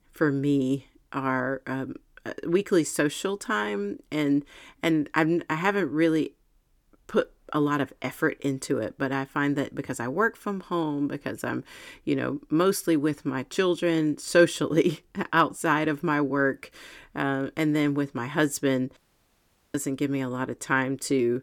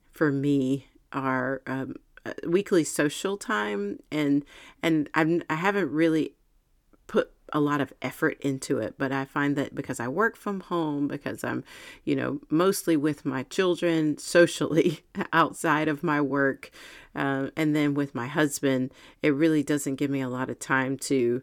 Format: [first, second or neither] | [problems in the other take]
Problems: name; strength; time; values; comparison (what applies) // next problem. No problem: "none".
second | audio cutting out; at 19 s for 1 s